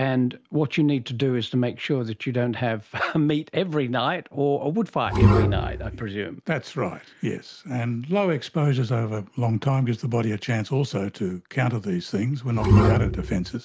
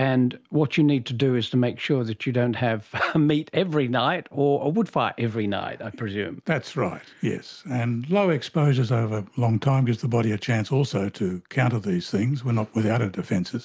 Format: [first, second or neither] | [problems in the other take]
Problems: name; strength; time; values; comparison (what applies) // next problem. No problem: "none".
second | background sound (Bowed string instrument); 4 dB above the speech